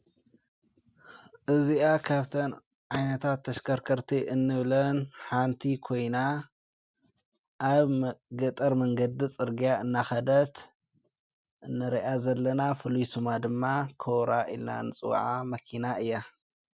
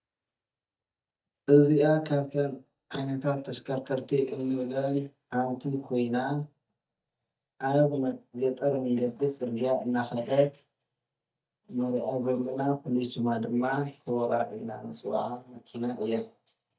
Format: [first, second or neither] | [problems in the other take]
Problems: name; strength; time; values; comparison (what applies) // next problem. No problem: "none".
first | noise reduction (neural mask model DeepFilterNet 3)